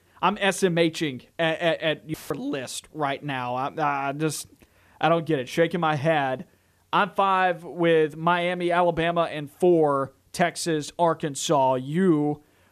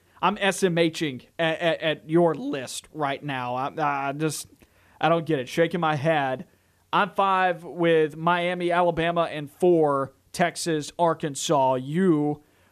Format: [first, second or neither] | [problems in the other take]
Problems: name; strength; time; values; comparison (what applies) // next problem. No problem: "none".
second | audio cutting out; filled with static; at 2 s